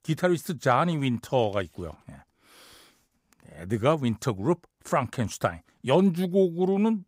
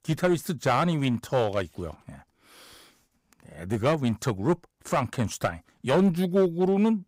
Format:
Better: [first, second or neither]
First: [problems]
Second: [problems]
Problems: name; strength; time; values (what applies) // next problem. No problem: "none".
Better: first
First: none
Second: distortion; slight; 4% of the sound clipped